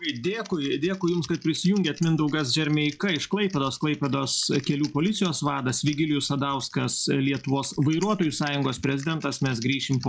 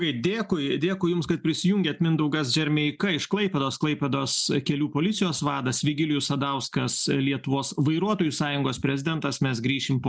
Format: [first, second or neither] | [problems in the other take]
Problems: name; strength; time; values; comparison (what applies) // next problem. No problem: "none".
second | noise reduction (classical method log-MMSE)